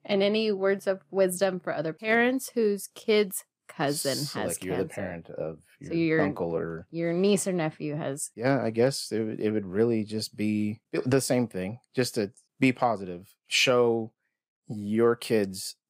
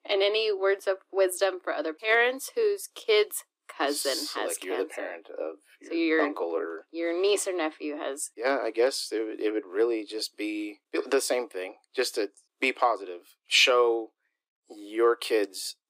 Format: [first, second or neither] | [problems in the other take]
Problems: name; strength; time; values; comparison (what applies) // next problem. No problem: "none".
first | thin; somewhat; fading below 300 Hz